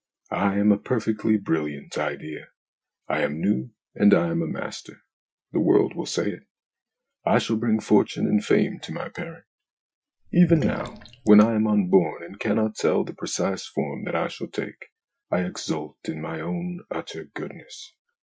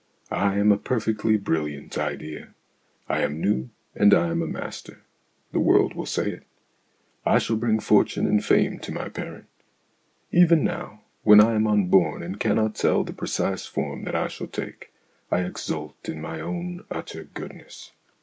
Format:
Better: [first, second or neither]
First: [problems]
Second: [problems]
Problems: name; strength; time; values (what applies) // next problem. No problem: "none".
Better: second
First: noise reduction (classical method Wiener filter)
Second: none